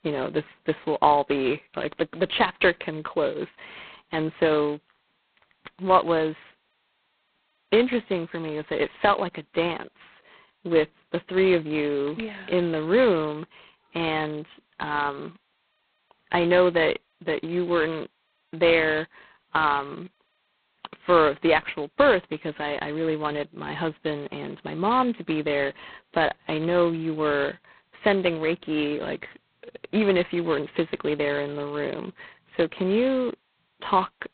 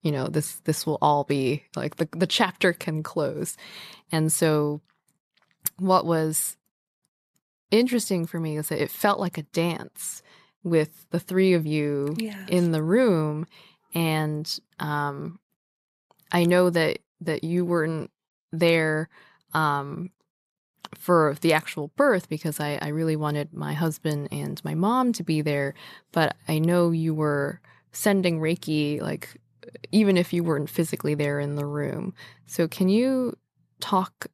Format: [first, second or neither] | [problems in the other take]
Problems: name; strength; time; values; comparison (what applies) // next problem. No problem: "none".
second | phone-call audio; poor line; nothing above 4 kHz